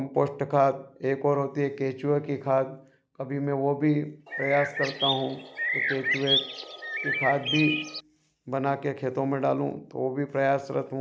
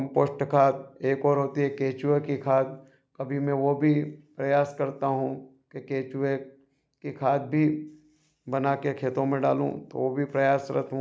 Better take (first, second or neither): second